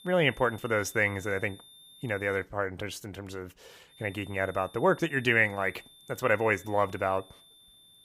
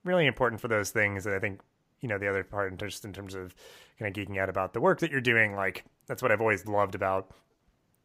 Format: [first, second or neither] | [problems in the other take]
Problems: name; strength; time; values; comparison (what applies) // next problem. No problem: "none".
second | high-pitched whine; faint; until 2.5 s and from 4 s on; 3.5 kHz, 25 dB below the speech